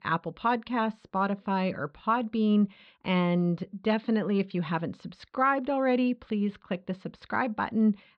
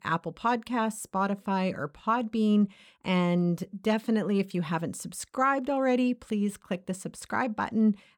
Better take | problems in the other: second | muffled; slightly; fading above 4 kHz

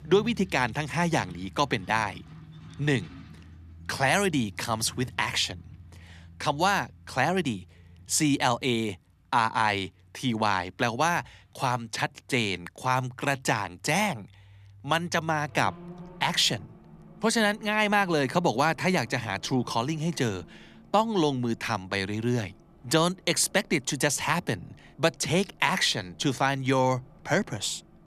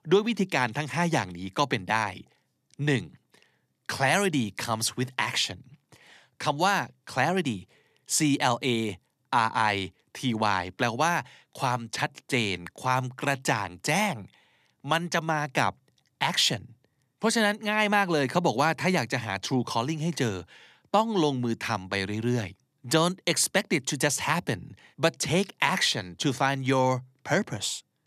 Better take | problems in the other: second | traffic noise; faint; throughout; 25 dB below the speech

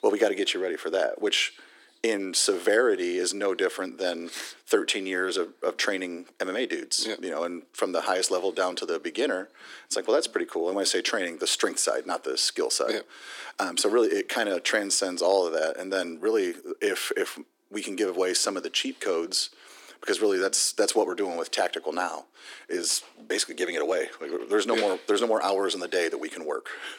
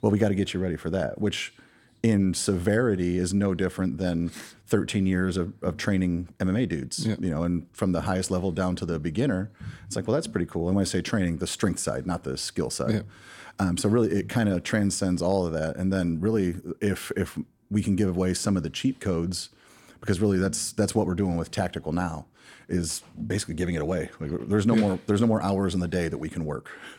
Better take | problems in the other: second | thin; very; fading below 350 Hz

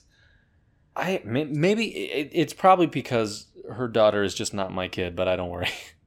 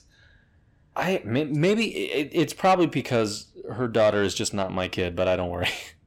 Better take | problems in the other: first | distortion; slight; 10 dB below the speech

